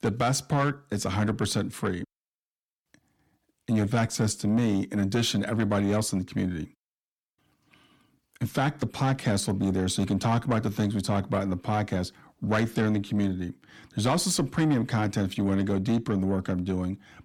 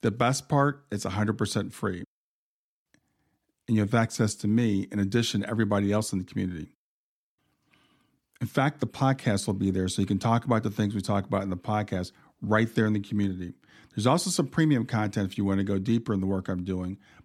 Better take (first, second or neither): second